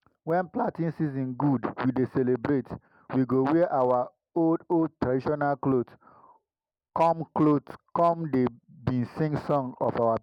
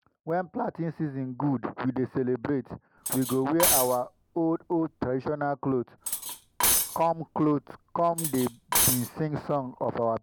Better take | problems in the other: first | background sound (Cutlery, silverware); 2 dB below the speech

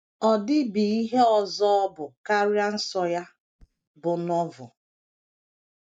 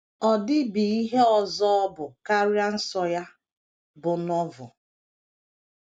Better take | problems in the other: second | noise reduction (neural mask model DeepFilterNet 3)

